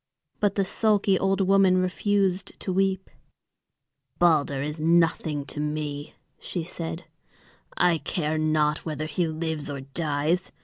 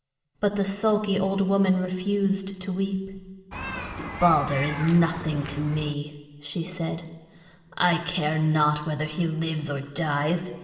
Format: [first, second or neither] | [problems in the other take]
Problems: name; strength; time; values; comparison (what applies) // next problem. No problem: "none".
first | background sound (Human group actions); 9 dB below the speech // room echo; dies away in 2.5 s